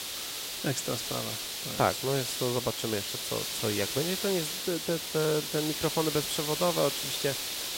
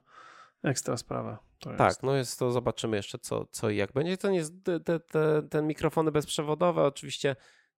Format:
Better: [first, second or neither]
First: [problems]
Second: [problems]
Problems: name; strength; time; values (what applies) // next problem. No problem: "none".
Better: second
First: hiss; loud; throughout; 1 dB below the speech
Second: none